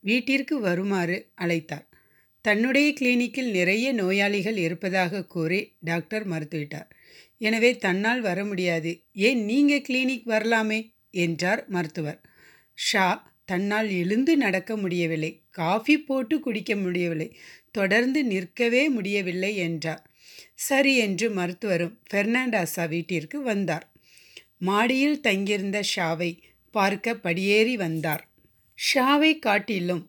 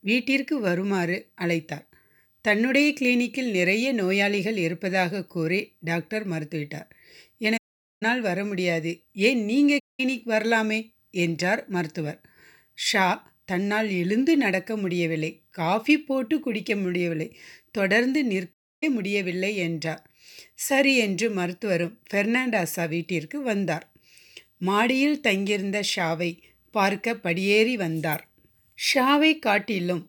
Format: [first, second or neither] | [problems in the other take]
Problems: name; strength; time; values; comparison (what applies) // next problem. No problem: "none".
first | audio cutting out; at 7.5 s, at 10 s and at 19 s